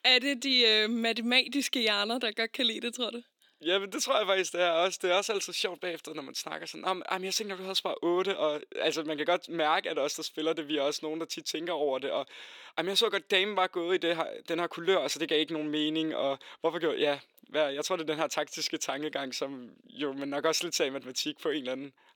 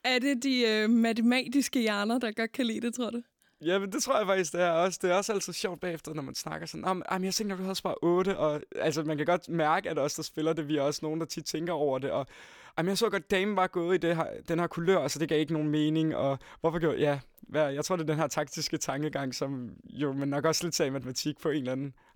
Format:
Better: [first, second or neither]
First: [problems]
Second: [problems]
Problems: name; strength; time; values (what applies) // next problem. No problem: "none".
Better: second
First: thin; very slightly; fading below 350 Hz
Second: none